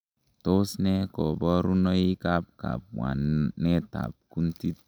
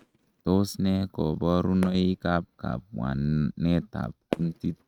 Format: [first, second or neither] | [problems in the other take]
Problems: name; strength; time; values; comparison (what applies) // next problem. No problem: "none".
first | noise reduction (neural mask model RNNoise)